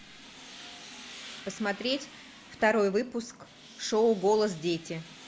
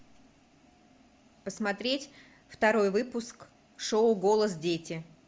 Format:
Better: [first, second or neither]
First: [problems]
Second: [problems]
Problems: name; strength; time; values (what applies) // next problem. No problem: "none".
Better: second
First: background sound (Tools); 18 dB below the speech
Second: none